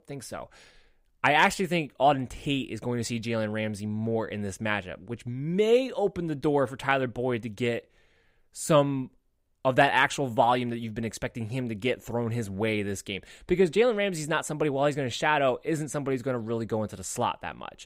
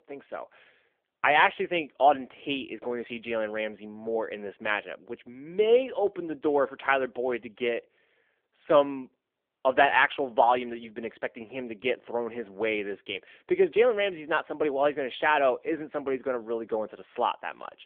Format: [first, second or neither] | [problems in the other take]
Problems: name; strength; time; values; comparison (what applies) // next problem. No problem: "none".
first | phone-call audio; nothing above 3.5 kHz